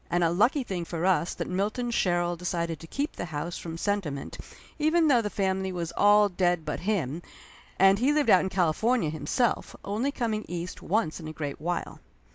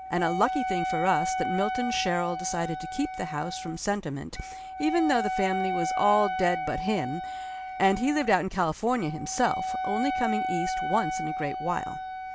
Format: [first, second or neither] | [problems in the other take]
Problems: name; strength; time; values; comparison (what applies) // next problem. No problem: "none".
first | background sound (Wind instrument, woodwind instrument); 3 dB below the speech